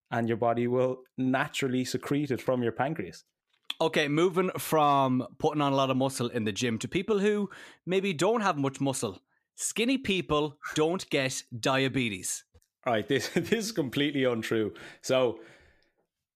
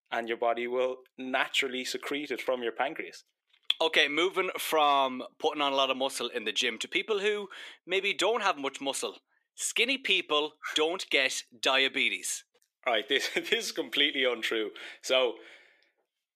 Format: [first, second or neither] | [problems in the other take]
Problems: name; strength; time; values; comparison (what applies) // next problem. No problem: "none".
first | thin; somewhat; fading below 350 Hz